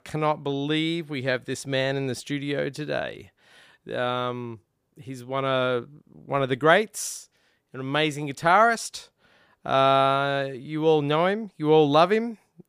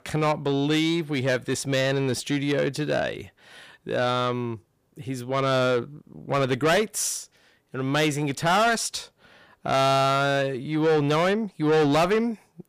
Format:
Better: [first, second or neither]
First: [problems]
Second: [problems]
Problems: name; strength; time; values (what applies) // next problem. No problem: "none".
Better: first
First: none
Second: distortion; heavy; 7 dB below the speech